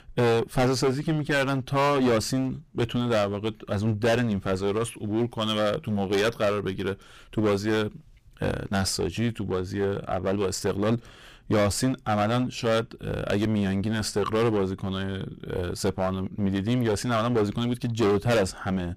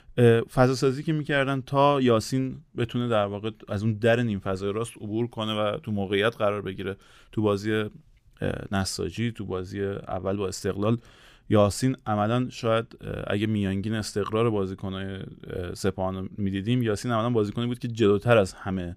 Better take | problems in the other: second | distortion; heavy; 14% of the sound clipped

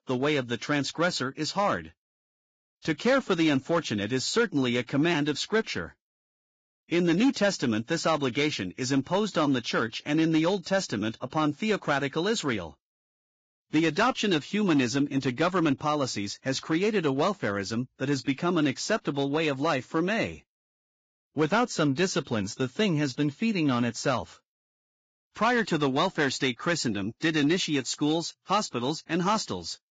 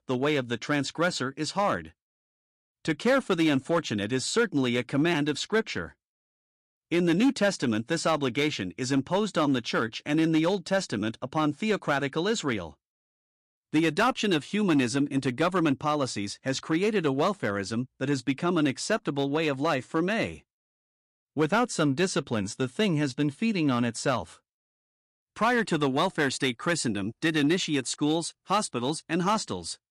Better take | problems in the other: second | garbled, watery; badly; nothing above 7.5 kHz

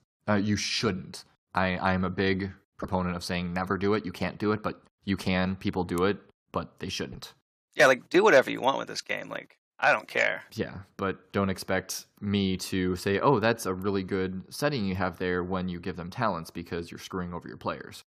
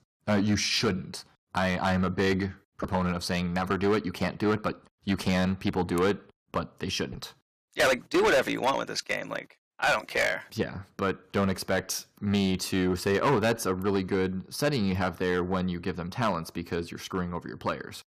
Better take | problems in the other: first | distortion; heavy; 5% of the sound clipped

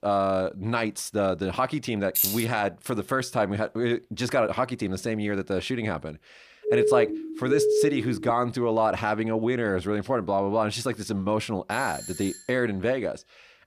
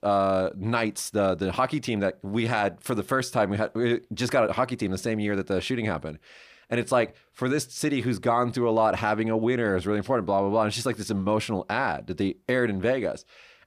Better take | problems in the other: second | jangling keys; loud; at 2 s; peak 3 dB above the speech // siren; loud; from 6.5 to 8.5 s; peak 5 dB above the speech // doorbell; noticeable; at 12 s; peak 10 dB below the speech

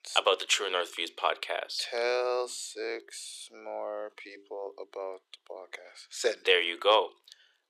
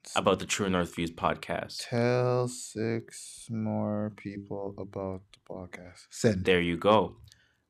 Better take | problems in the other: second | thin; very; fading below 400 Hz

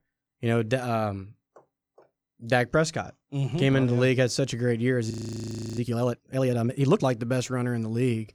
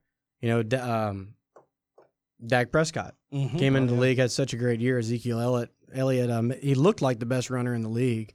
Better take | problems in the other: second | audio freezing; at 5 s for 0.5 s

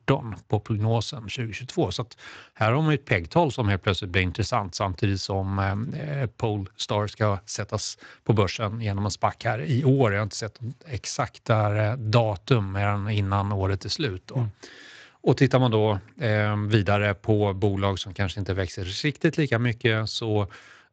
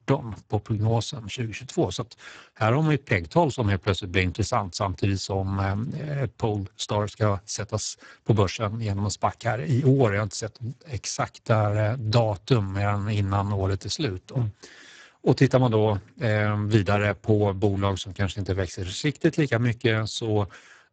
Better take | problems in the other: first | garbled, watery; badly; nothing above 8 kHz; slightly in the first

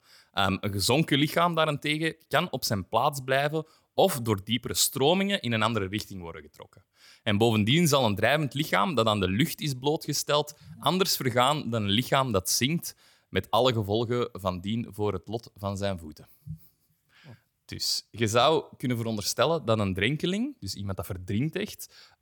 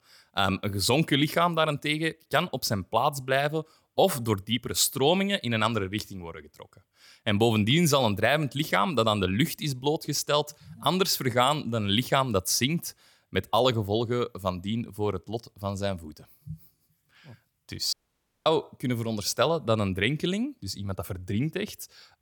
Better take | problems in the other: first | audio cutting out; at 18 s for 0.5 s

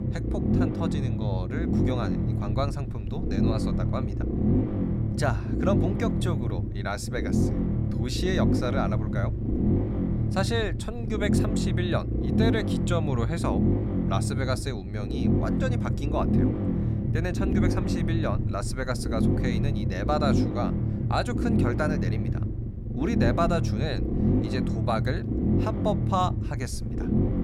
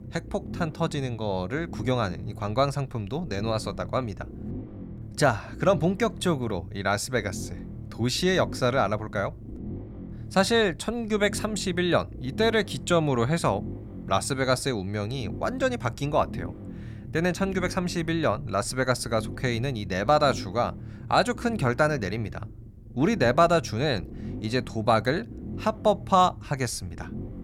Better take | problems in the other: second | low rumble; loud; throughout; 2 dB below the speech; faint in the second

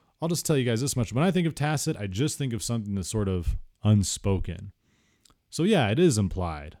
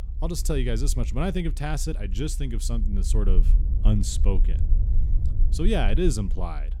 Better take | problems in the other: first | low rumble; noticeable; throughout; 15 dB below the speech

